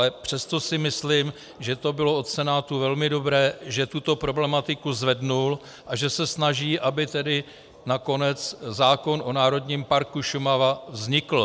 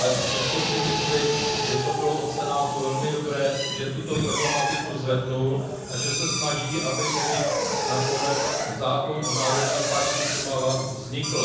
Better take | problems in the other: first | background sound (Drill); as loud as the speech // room echo; dies away in 1.1 s

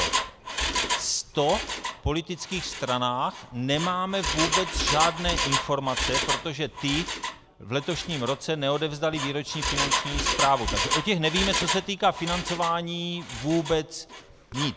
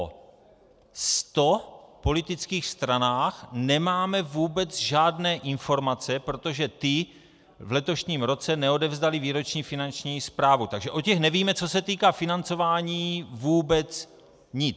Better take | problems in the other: second | background sound (Engine); 2 dB below the speech

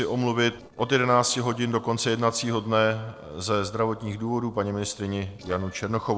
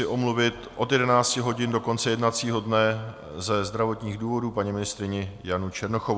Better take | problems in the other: second | noise reduction (neural separator model SepFormer DNS4)

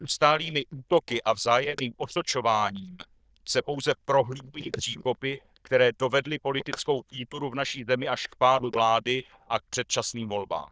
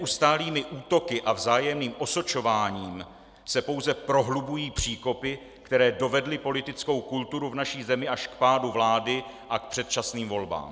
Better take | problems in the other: second | noise reduction (neural diffusion model UNIVERSE++)

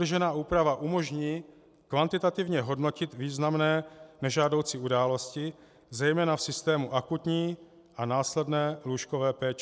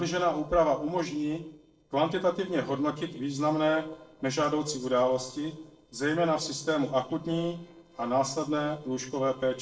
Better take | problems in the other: first | noise reduction (neural separator model SepFormer DNS4)

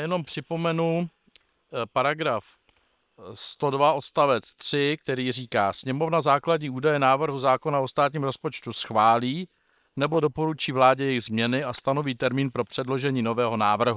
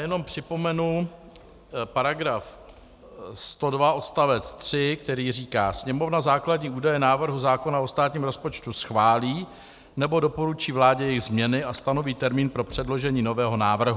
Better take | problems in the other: second | noise reduction (neural separator model SepFormer WHAM!)

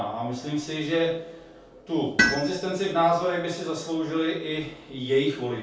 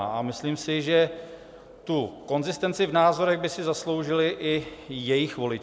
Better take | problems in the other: second | background sound (Tools); 4 dB below the speech // room echo; dies away in 0.4 s

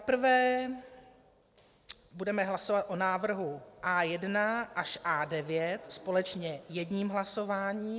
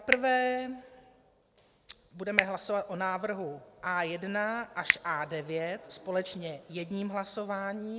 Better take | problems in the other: first | background sound (Finger snapping); 5 dB below the speech

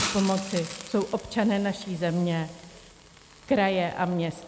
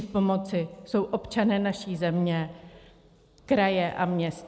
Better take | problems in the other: second | background sound (Hiss); 12 dB below the speech

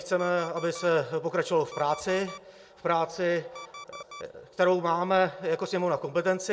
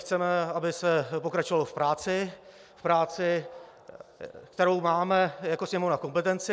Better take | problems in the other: second | background sound (Alarm); 19 dB below the speech // room echo; dies away in 0.4 s

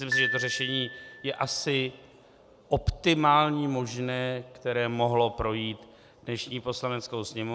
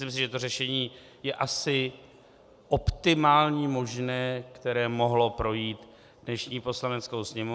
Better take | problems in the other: second | background sound (Glockenspiel); 5 dB below the speech

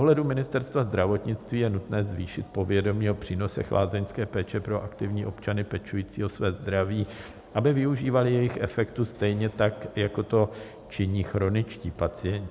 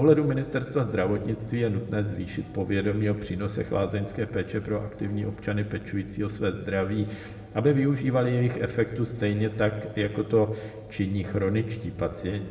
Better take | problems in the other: first | room echo; dies away in 1.3 s

